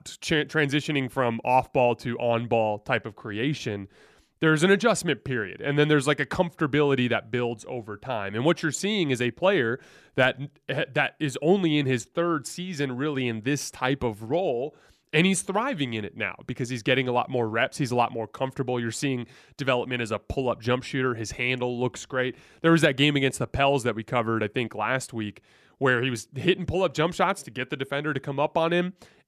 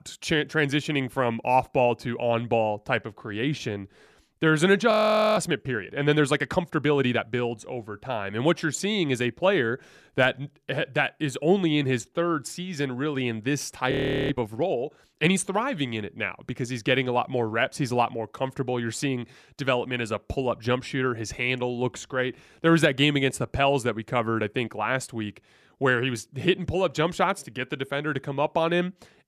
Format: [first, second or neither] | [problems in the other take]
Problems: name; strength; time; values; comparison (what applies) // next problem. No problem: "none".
first | audio freezing; at 5 s and at 14 s